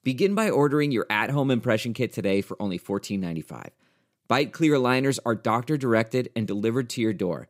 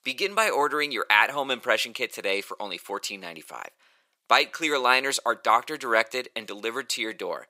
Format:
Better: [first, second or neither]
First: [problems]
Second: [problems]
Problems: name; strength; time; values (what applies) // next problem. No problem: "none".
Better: first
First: none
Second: thin; very; fading below 850 Hz